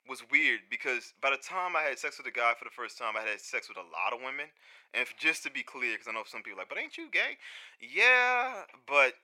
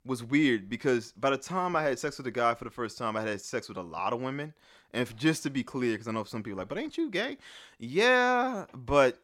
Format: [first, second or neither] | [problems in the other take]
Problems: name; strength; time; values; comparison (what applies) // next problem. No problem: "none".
second | thin; very; fading below 700 Hz